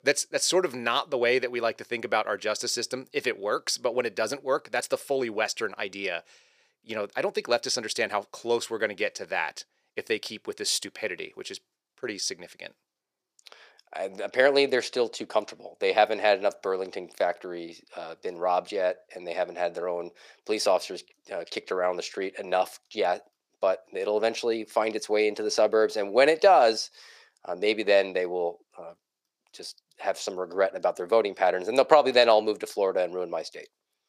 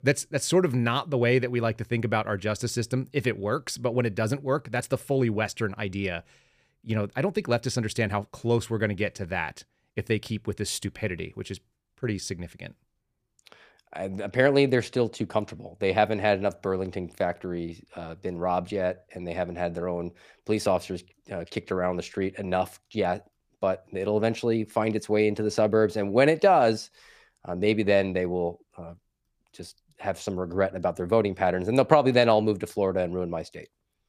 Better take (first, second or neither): second